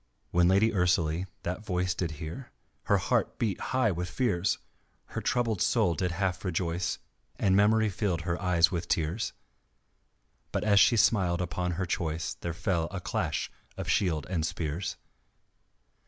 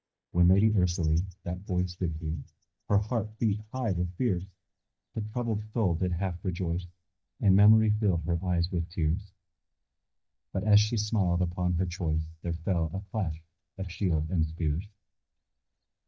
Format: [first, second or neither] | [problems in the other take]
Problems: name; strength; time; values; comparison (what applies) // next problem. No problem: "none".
first | noise reduction (neural mask model DeepFilterNet 3)